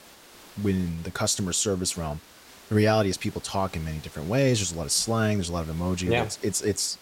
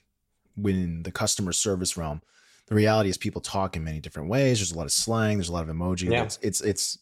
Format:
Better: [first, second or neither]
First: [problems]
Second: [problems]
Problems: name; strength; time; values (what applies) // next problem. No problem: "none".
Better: second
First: hiss; faint; throughout; 20 dB below the speech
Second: none